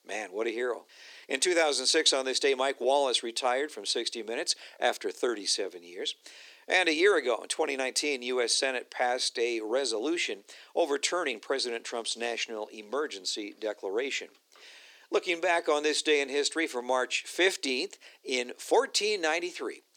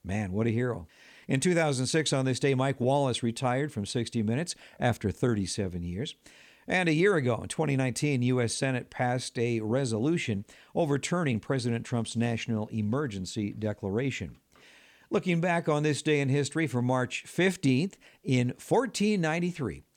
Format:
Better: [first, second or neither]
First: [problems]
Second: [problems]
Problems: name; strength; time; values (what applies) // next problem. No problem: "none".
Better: second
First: thin; very; fading below 350 Hz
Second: none